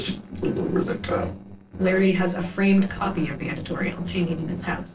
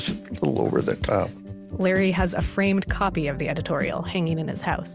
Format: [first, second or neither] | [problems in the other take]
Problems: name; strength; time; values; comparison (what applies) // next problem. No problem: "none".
second | noise reduction (neural separator model SepFormer DNS4)